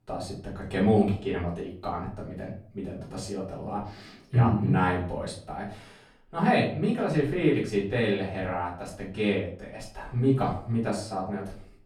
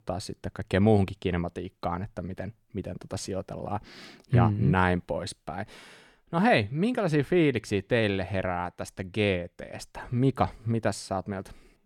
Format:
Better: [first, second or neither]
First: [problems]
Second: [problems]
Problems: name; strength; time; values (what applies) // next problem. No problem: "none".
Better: second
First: off-mic speech; far // room echo; slight; dies away in 0.4 s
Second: none